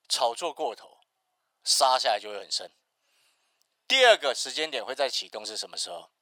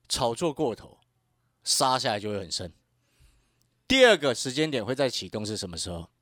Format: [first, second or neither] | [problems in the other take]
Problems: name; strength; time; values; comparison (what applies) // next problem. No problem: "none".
second | thin; very; fading below 750 Hz